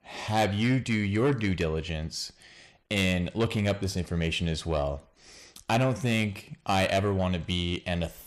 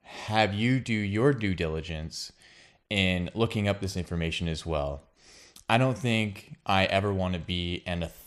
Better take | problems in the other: second | distortion; slight; 10 dB below the speech

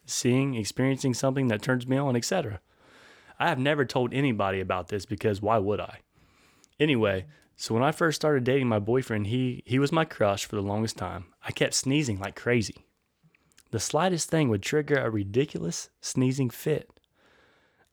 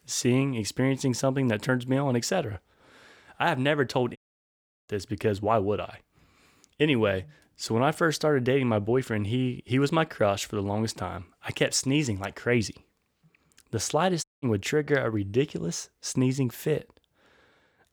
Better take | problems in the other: first | audio cutting out; at 4 s for 0.5 s and at 14 s

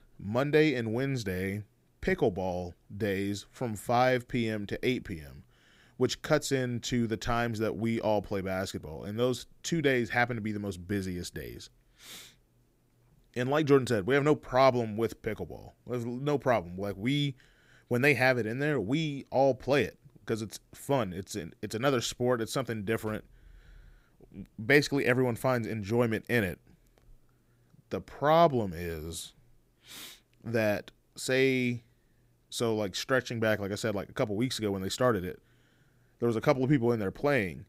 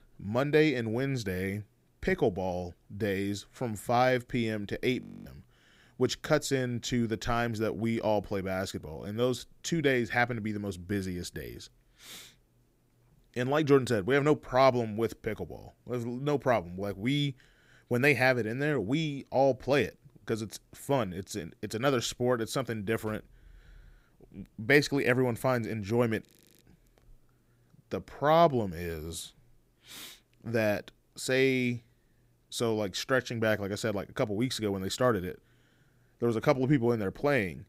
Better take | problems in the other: first | audio freezing; at 5 s and at 26 s

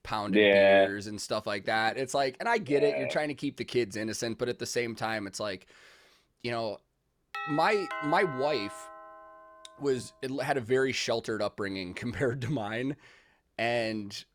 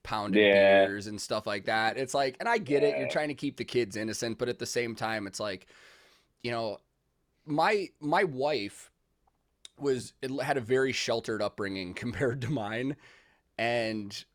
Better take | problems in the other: second | doorbell; noticeable; from 7.5 to 9.5 s; peak 7 dB below the speech

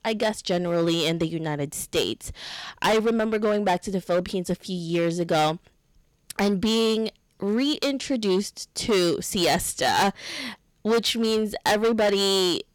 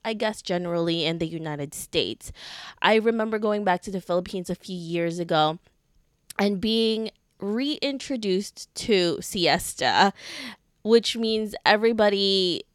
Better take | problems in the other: second | distortion; heavy; 10% of the sound clipped

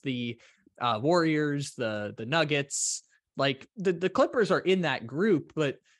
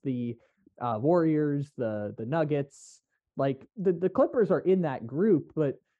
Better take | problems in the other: first | muffled; very; fading above 1.5 kHz

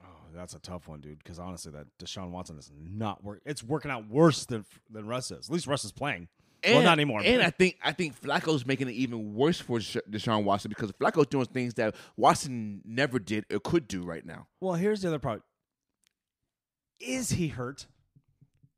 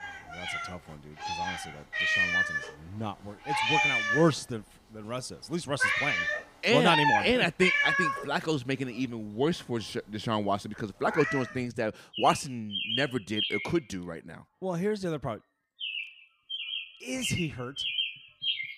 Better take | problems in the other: first | animal sounds; very loud; throughout; 1 dB above the speech

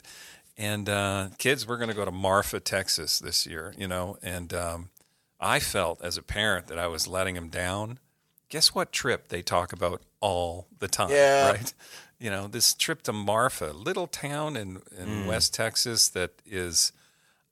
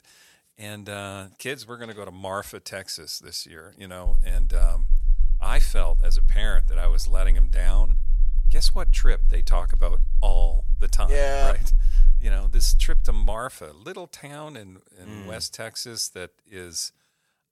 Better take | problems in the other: first | low rumble; faint; from 4 to 13 s; 20 dB below the speech

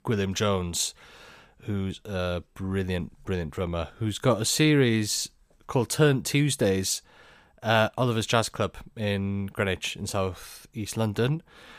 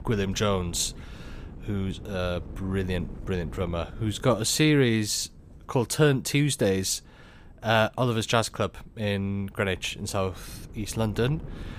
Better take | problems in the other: first | wind noise on the microphone; occasional gusts; 25 dB below the speech

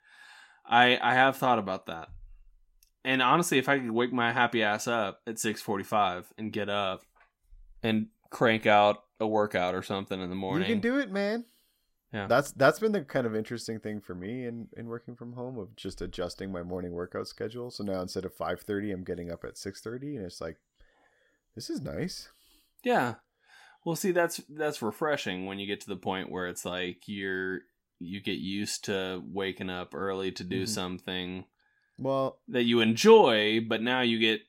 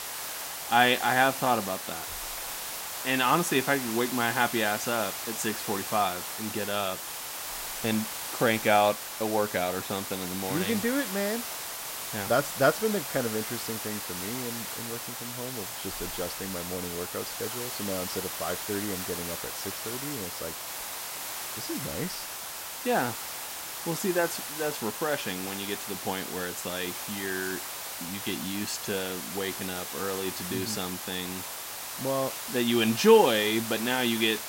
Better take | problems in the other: first | hiss; loud; throughout; 5 dB below the speech

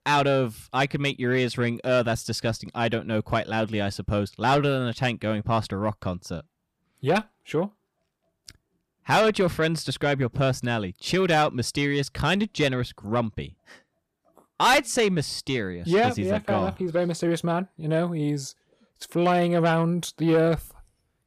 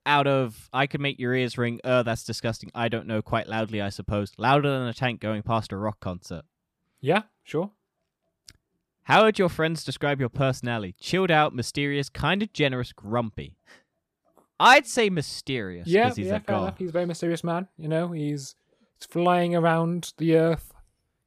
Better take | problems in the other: second | distortion; slight; 10 dB below the speech

